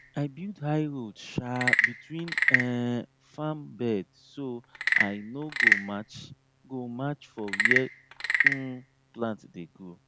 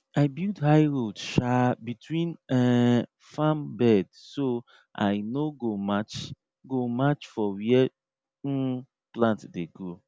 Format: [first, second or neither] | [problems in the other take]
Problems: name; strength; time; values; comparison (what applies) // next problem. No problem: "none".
second | background sound (Wood / Percussion / Frog); 4 dB above the speech